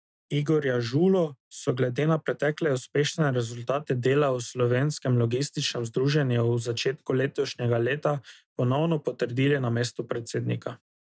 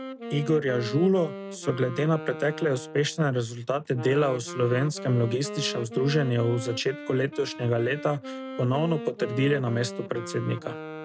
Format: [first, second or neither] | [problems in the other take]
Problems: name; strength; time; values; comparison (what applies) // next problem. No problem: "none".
first | background sound (Wind instrument, woodwind instrument); 11 dB below the speech